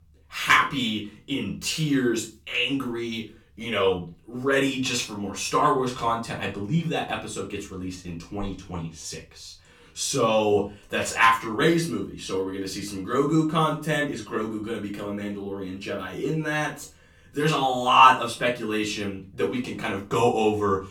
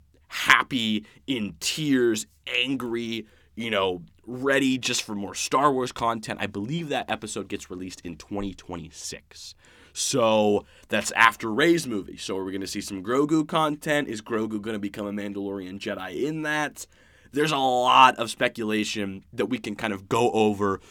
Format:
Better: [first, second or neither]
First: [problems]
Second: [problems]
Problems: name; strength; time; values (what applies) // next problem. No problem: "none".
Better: second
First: off-mic speech; far // room echo; slight; dies away in 0.3 s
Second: none